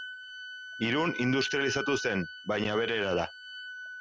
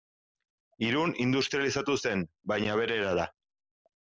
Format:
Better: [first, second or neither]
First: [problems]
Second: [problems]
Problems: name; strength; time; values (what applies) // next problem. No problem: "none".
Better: second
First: background sound (Wind instrument, woodwind instrument); 9 dB below the speech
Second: none